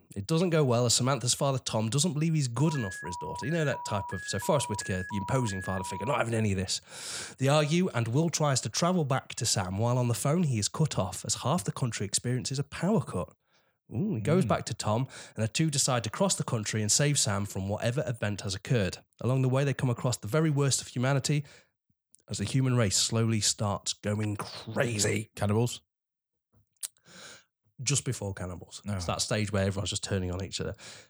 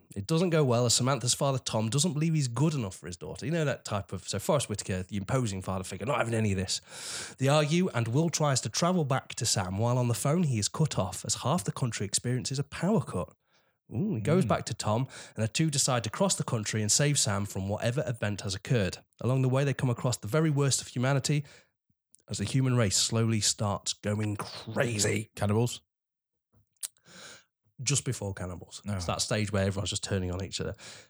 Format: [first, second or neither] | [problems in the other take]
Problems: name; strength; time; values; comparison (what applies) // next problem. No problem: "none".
second | alarm; noticeable; from 2.5 to 6 s; peak 10 dB below the speech